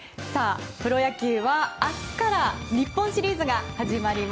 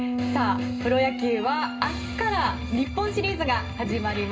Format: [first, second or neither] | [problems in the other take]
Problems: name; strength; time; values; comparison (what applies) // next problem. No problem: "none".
first | background sound (Bass guitar); 6 dB below the speech // room echo; dies away in 0.2 s